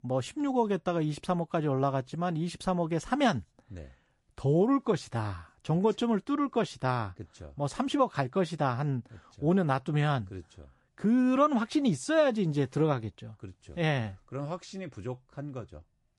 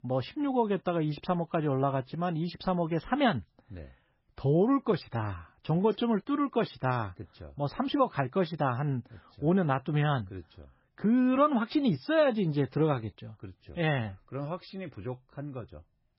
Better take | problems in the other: first | garbled, watery; badly; nothing above 5.5 kHz; slightly in the first

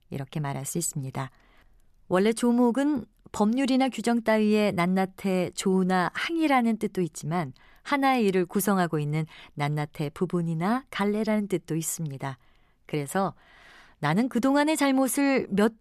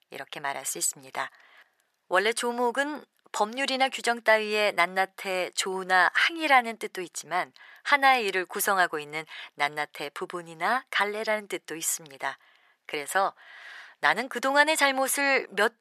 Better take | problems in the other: first | thin; very; fading below 650 Hz

